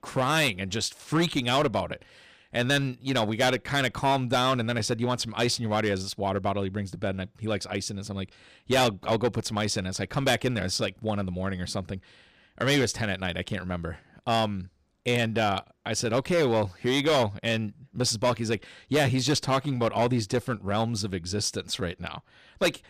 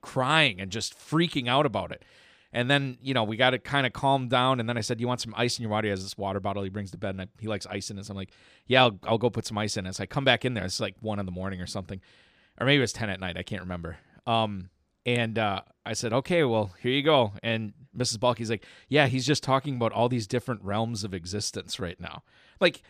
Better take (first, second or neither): second